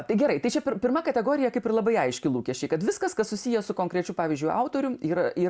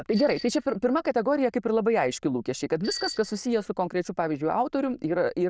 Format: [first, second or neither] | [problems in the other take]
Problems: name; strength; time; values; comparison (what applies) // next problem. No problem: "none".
first | noise reduction (neural diffusion model UNIVERSE++)